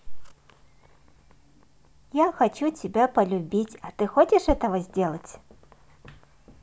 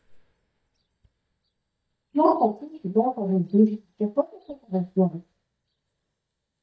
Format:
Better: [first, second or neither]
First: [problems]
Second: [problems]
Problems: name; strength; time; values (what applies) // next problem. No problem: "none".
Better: first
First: none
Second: noise reduction (neural mask model DeepFilterNet 3)